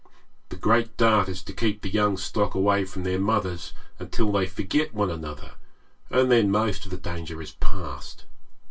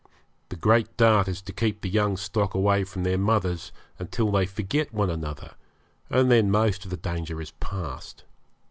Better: second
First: room echo; dies away in 0.1 s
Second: none

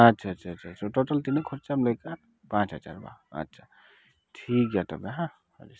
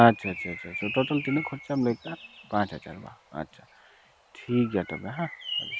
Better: first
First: none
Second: background sound (Bird); 11 dB below the speech

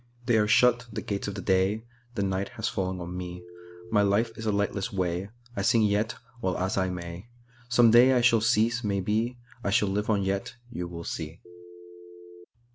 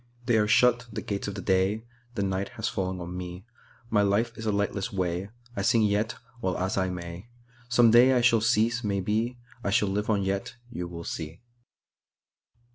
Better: second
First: background sound (Telephone); 16 dB below the speech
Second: none

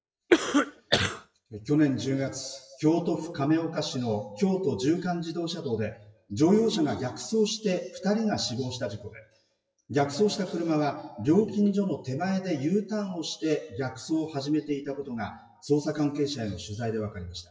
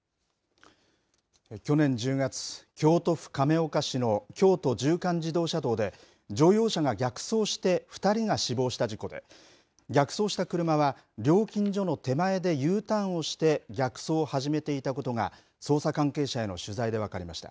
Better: second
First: noise reduction (classical method WPE with log-MMSE)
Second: none

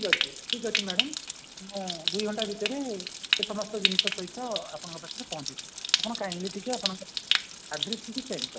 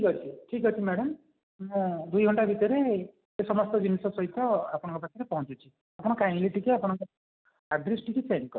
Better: second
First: background sound (Stream); 4 dB above the speech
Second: none

